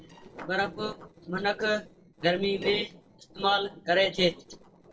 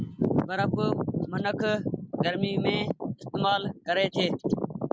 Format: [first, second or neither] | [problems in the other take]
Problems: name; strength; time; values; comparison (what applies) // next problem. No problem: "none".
second | noise reduction (neural separator model SepFormer DNS4)